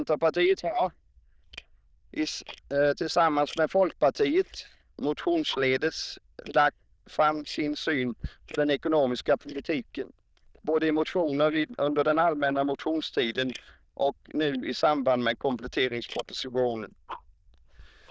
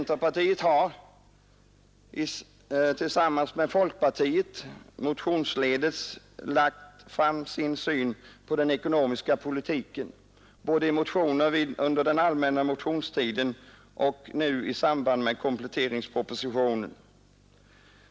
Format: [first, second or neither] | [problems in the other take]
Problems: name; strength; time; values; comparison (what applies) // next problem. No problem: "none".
second | noise reduction (neural diffusion model UNIVERSE++)